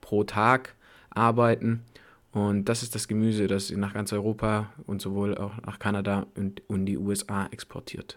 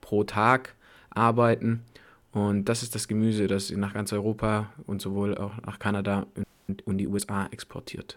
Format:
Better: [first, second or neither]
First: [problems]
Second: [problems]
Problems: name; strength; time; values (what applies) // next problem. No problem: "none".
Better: first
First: none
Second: audio freezing; at 6.5 s